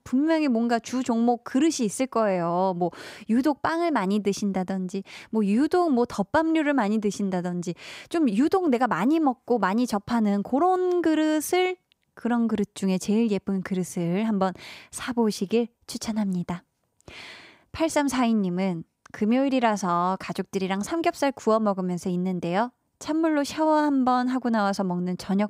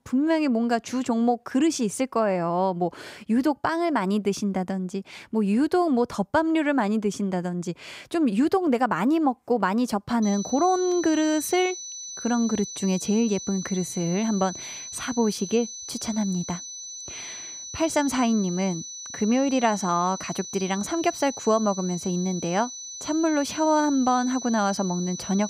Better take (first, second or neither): first